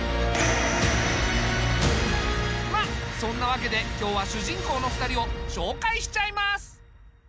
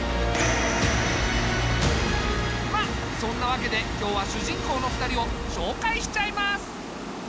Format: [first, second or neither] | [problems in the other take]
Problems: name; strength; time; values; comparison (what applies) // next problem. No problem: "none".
first | background sound (Water); 8 dB below the speech